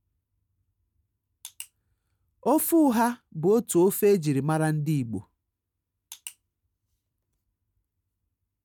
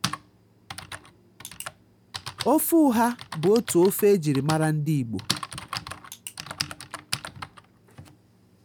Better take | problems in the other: first | background sound (Typing); 11 dB below the speech

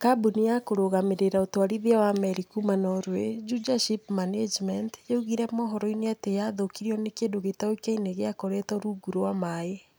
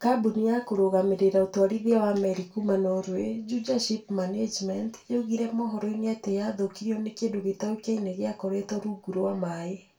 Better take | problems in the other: first | room echo; dies away in 0.2 s

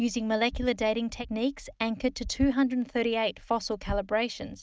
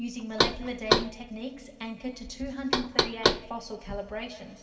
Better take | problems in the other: first | background sound (Knock); 5 dB above the speech // room echo; dies away in 2.8 s

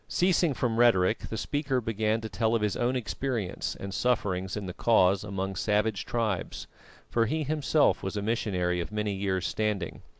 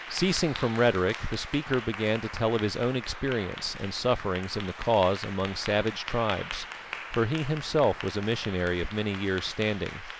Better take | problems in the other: first | background sound (Applause / Clapping); 12 dB below the speech

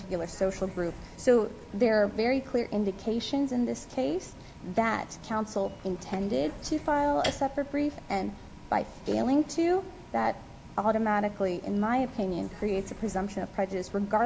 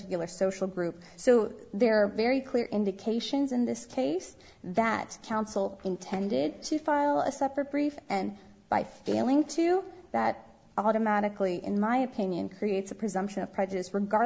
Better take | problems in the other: second | background sound (Bus + Piano); 16 dB below the speech

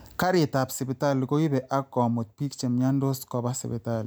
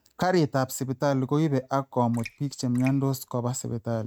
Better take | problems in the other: first | noise reduction (neural mask model RNNoise)

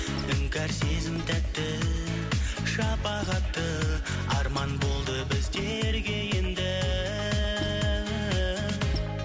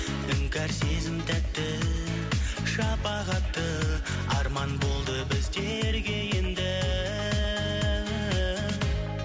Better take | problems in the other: second | background sound (Squeak); 20 dB below the speech

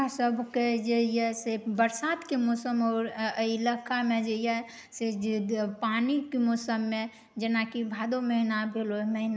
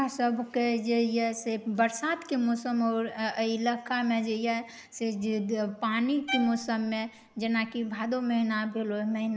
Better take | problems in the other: first | background sound (Bowed string instrument); 12 dB below the speech

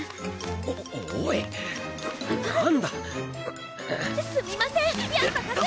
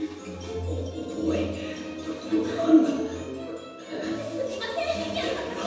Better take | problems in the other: first | room echo; dies away in 1.1 s

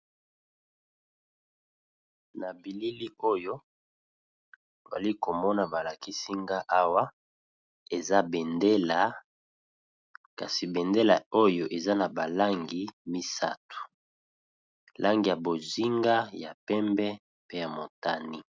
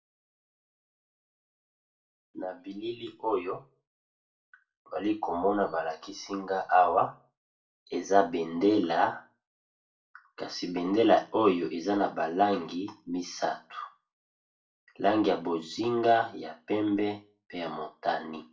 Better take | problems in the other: first | room echo; dies away in 0.3 s

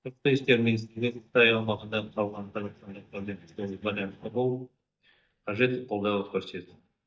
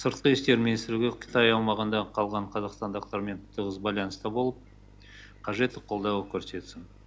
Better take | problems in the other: second | noise reduction (neural mask model DeepFilterNet 3)

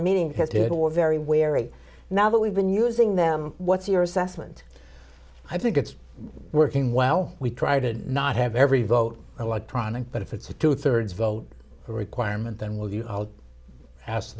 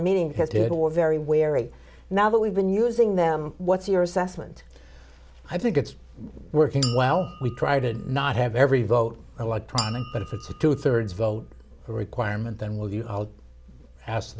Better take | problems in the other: first | background sound (Chink, clink); 14 dB below the speech

